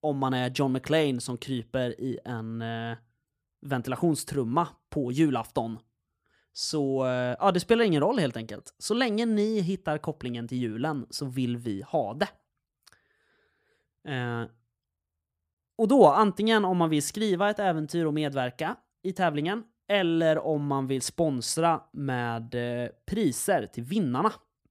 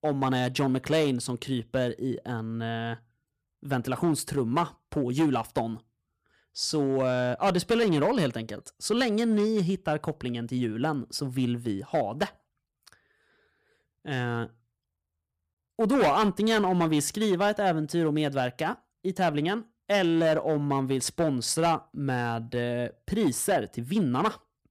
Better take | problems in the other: first | distortion; slight; 5% of the sound clipped

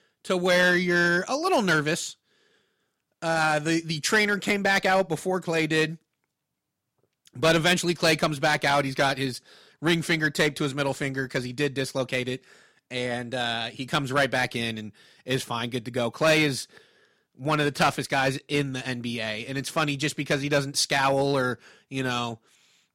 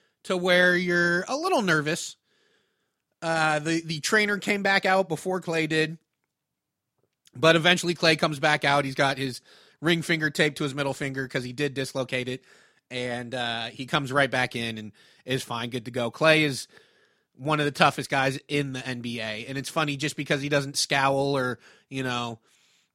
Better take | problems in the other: second | distortion; slight; 2% of the sound clipped

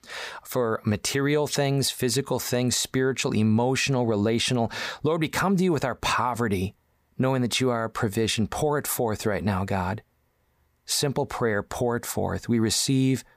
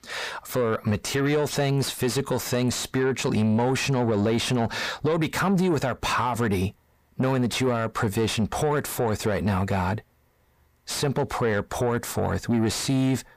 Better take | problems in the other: first | distortion; slight; 10 dB below the speech

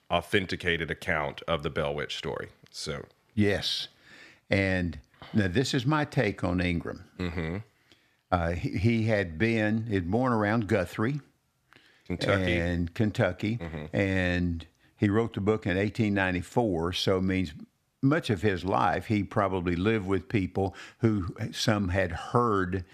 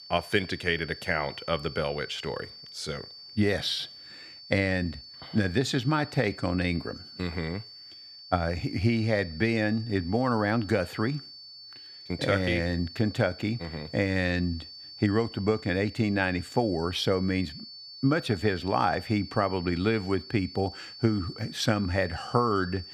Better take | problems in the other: first | high-pitched whine; noticeable; throughout; 4.5 kHz, 15 dB below the speech

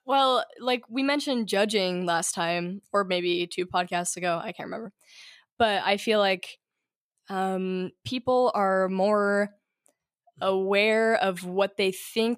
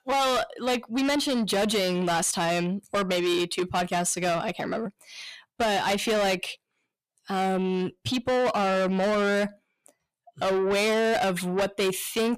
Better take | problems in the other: first | distortion; heavy; 7 dB below the speech

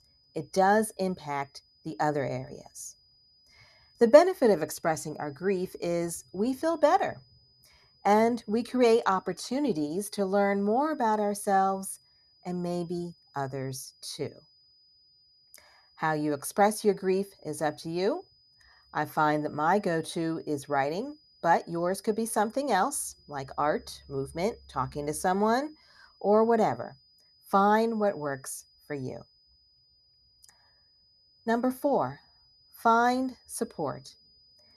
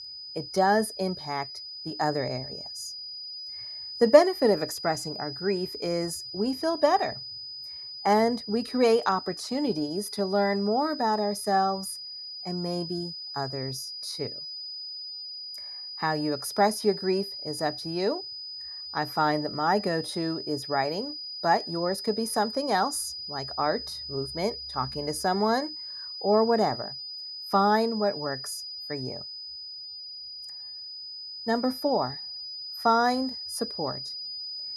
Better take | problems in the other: first | high-pitched whine; loud; throughout; 5 kHz, 8 dB below the speech; faint in the first

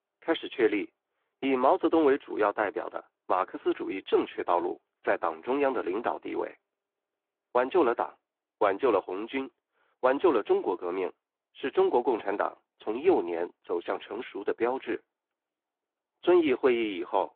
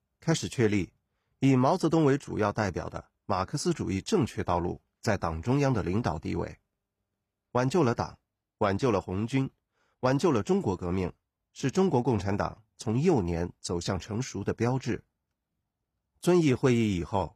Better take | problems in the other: second | phone-call audio

